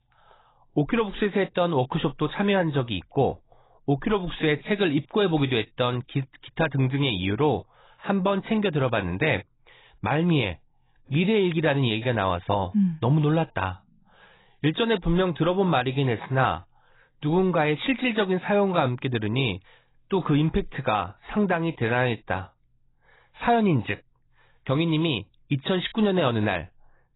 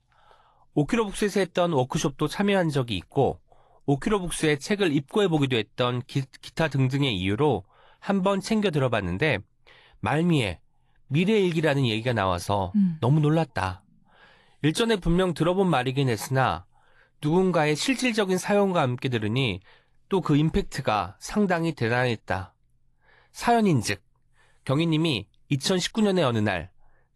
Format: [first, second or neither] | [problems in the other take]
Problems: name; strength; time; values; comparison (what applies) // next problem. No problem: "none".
second | garbled, watery; badly; nothing above 4 kHz; slightly in the second